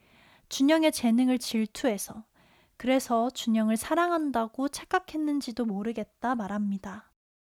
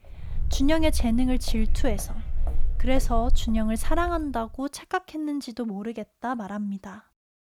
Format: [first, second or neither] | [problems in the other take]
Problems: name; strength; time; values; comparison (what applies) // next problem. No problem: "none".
first | footsteps; noticeable; until 4 s; peak 1 dB below the speech